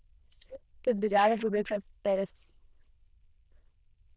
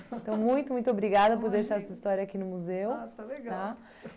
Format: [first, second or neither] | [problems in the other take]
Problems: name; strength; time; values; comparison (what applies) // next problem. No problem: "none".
second | noise reduction (neural diffusion model UNIVERSE++)